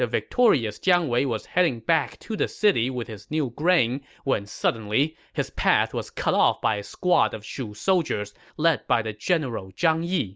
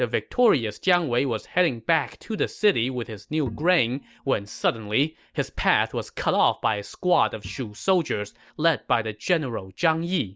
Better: first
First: none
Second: noise reduction (neural mask model DeepFilterNet 3)

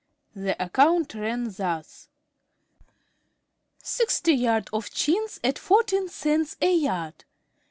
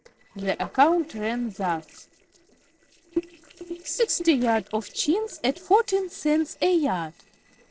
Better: first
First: none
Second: noise reduction (neural separator model SepFormer DNS4)

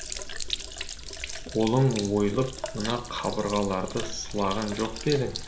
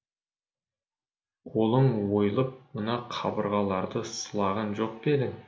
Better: second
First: background sound (Sink (filling or washing)); 8 dB below the speech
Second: none

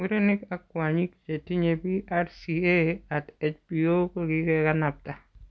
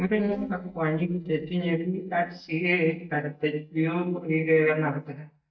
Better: first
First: none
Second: noise reduction (neural mask model DeepFilterNet 3)

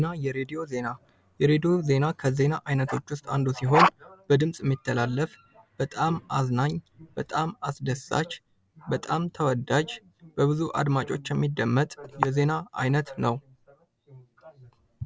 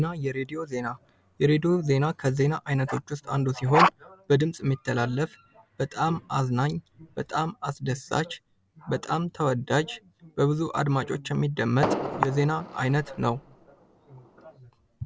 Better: first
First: none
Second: background sound (Fireworks); 8 dB below the speech

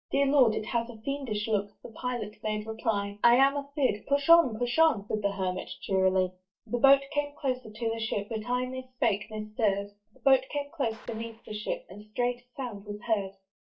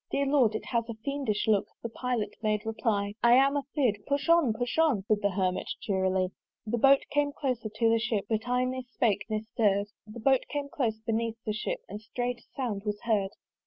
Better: second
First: noise reduction (neural mask model DeepFilterNet 3)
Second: none

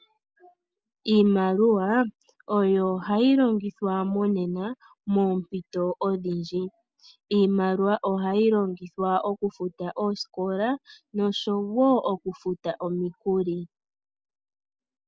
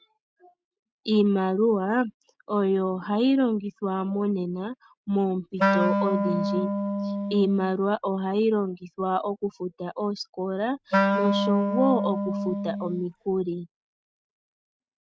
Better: first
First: none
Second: noise reduction (neural mask model RNNoise)

